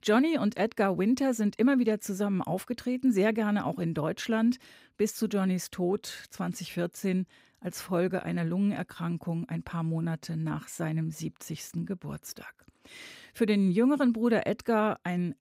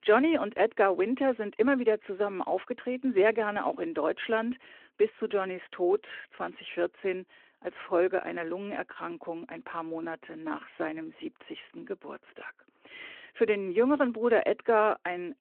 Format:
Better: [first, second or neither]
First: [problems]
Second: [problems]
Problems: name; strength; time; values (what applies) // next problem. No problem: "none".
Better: first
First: none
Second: phone-call audio